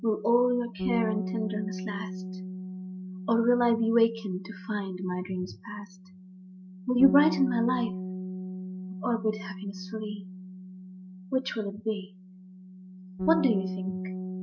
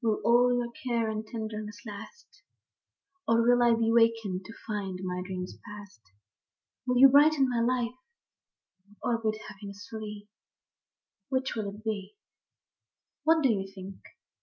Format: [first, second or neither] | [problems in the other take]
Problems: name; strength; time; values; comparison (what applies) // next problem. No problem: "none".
second | background sound (Bass guitar); 7 dB below the speech